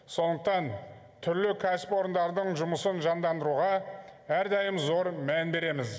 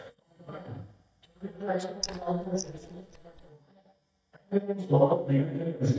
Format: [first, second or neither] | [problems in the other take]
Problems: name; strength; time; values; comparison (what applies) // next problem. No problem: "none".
first | noise reduction (neural mask model DeepFilterNet 3)